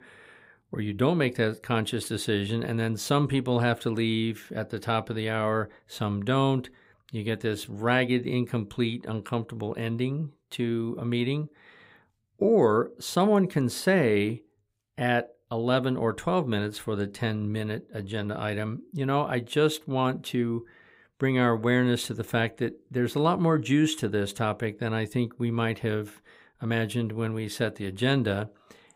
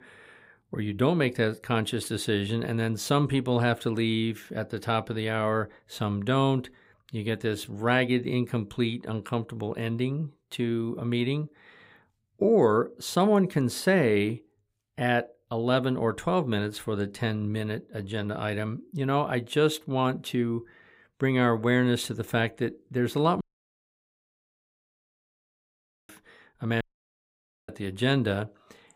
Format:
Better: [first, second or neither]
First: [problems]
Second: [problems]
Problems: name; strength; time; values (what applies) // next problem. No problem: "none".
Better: first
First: none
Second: audio cutting out; at 23 s for 2.5 s and at 27 s for 1 s